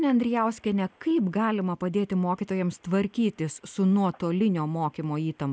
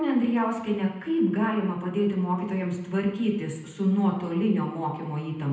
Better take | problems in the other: first | room echo; dies away in 0.9 s

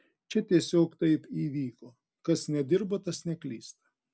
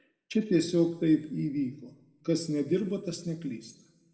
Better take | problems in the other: first | room echo; dies away in 1 s

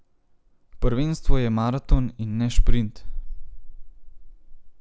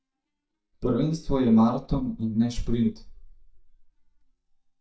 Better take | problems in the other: first | noise reduction (neural mask model DeepFilterNet 3)

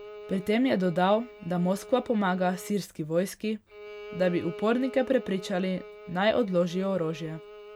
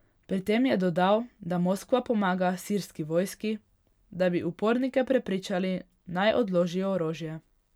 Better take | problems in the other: second | background sound (Bowed string instrument); 16 dB below the speech

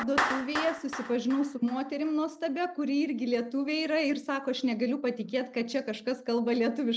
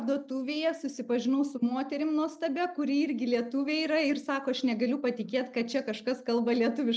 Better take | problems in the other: second | background sound (Clapping); 10 dB below the speech

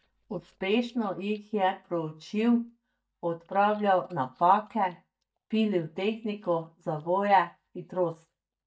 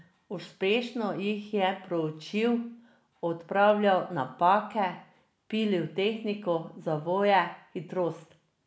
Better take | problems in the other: second | noise reduction (neural mask model DeepFilterNet 3)

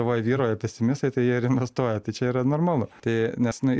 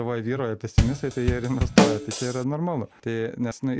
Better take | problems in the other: first | background sound (Drum kit); 5 dB above the speech

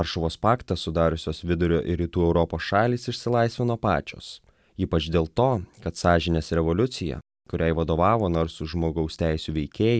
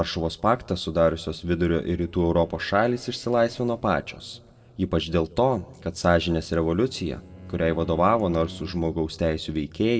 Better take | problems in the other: first | noise reduction (neural separator model SepFormer DNS4)

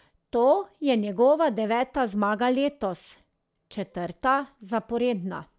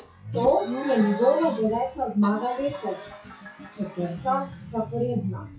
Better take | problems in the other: first | noise reduction (classical method WPE with log-MMSE)

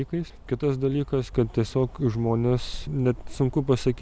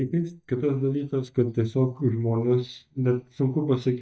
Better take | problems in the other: first | noise reduction (neural mask model DeepFilterNet 3)

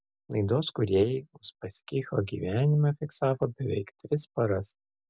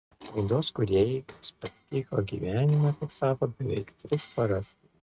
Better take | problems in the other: first | noise reduction (neural mask model RNNoise)

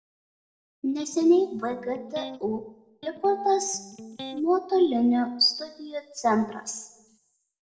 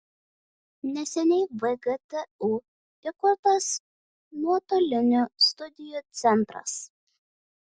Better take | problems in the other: second | noise reduction (neural separator model SepFormer DNS4)

